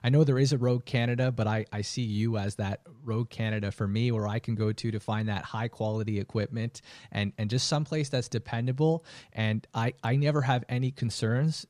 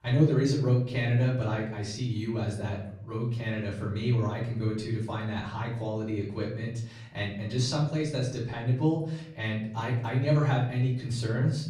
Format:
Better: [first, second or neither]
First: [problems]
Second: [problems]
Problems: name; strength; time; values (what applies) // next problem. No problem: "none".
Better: first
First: none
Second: off-mic speech; far // room echo; slight; dies away in 0.6 s